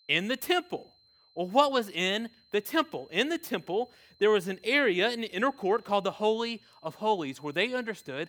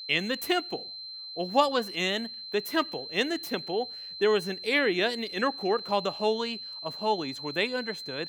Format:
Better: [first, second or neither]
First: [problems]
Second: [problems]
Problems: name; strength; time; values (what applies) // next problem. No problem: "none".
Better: first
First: high-pitched whine; faint; throughout; 4 kHz, 30 dB below the speech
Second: high-pitched whine; loud; throughout; 4 kHz, 9 dB below the speech